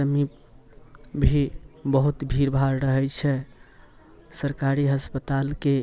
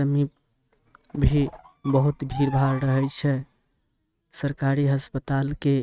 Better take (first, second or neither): first